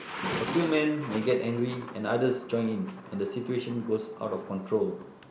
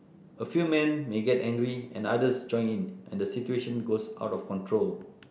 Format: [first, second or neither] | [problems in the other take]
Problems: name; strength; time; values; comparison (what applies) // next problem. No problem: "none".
second | background sound (Thunder); 10 dB below the speech